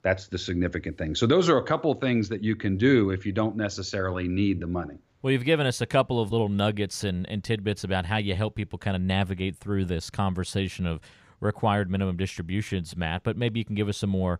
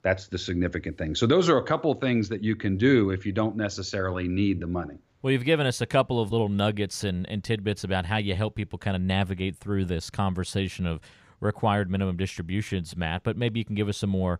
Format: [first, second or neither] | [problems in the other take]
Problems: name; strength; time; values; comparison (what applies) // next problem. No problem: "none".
neither | none